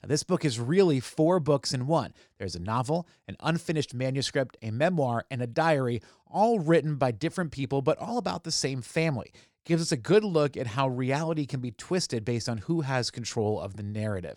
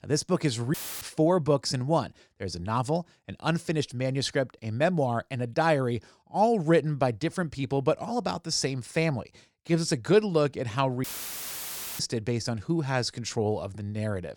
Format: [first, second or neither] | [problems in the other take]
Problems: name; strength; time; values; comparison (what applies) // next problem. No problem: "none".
first | audio cutting out; filled with static; at 0.5 s and at 11 s for 1 s